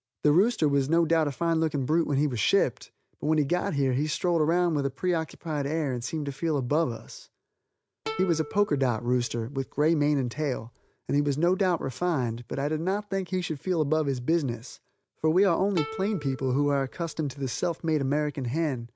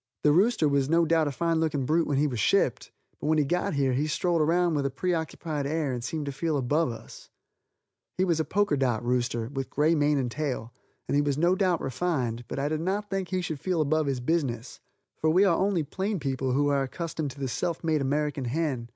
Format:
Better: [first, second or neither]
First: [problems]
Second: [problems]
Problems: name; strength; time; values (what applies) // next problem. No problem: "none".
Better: second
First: background sound (Plucked string instrument); 16 dB below the speech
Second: none